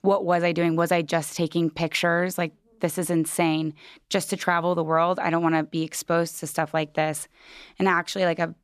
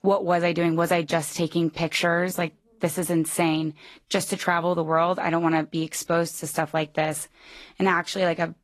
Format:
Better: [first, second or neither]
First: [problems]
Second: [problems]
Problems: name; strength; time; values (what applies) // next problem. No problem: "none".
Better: first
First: none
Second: garbled, watery; slightly; nothing above 14 kHz